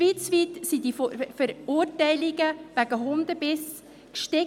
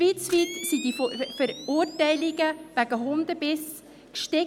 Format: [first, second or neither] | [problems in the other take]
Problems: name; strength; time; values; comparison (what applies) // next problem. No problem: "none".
first | background sound (Camera); 16 dB below the speech